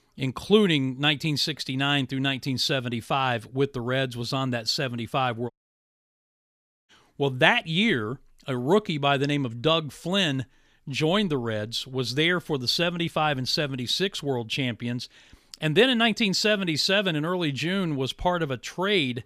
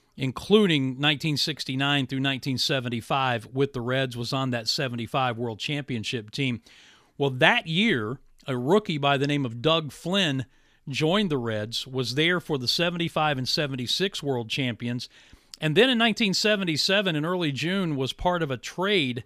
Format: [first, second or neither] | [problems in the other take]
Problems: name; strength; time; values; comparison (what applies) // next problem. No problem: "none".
second | audio cutting out; at 5.5 s for 1.5 s